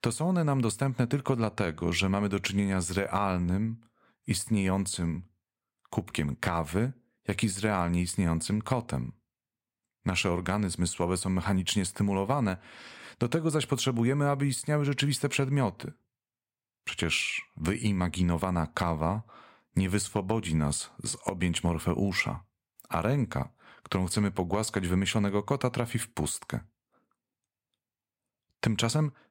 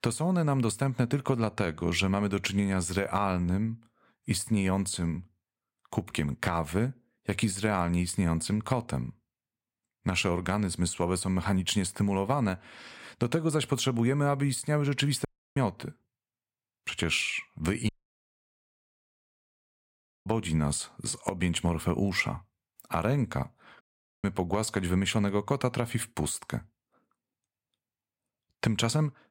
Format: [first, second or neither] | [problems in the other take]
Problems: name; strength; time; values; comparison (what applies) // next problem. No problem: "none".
first | audio cutting out; at 15 s, at 18 s for 2.5 s and at 24 s